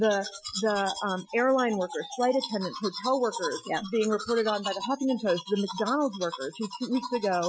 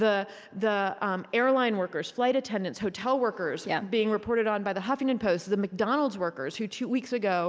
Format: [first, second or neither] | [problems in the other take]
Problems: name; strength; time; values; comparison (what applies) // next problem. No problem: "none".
second | noise reduction (classical method Wiener filter)